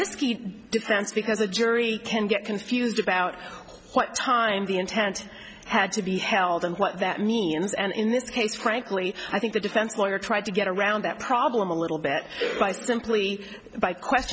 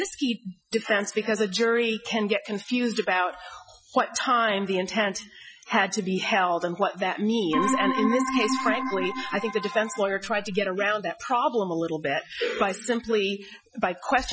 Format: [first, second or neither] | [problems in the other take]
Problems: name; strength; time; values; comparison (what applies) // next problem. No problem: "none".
first | noise reduction (classical method Wiener filter)